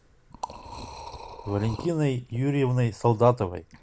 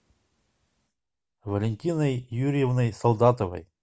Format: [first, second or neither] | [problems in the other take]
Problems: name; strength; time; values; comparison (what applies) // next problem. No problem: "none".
second | background sound (Liquid); 16 dB below the speech